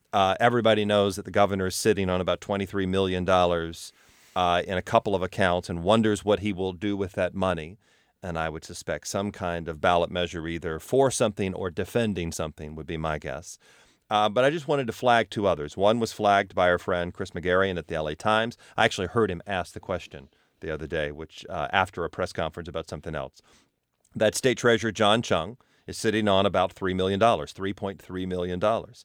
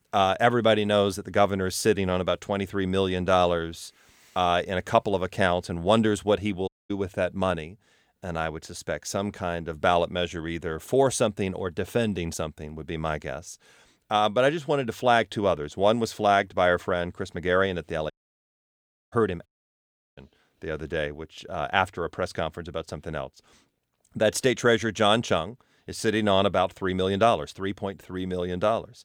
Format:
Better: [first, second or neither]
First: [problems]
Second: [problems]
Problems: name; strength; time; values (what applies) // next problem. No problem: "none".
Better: first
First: none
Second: audio cutting out; at 6.5 s, at 18 s for 1 s and at 19 s for 0.5 s